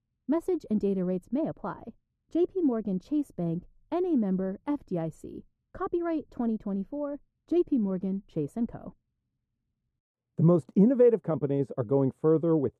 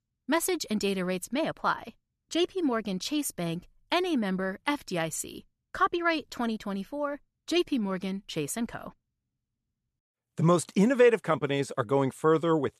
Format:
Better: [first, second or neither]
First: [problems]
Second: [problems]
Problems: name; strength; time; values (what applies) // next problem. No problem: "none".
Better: second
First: muffled; very; fading above 1 kHz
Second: none